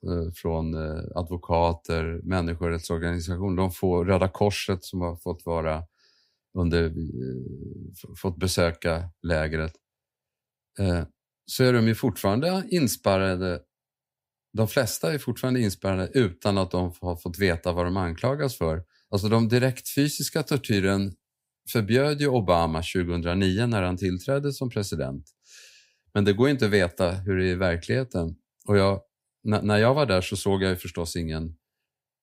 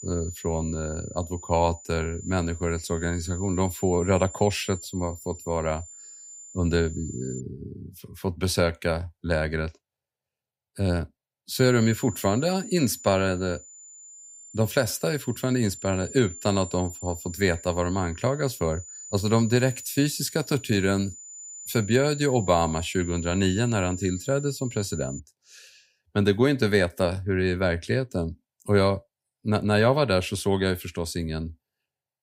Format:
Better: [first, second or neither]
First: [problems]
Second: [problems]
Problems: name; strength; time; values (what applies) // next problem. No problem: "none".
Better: first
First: none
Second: high-pitched whine; noticeable; until 7.5 s and from 12 to 25 s; 7 kHz, 15 dB below the speech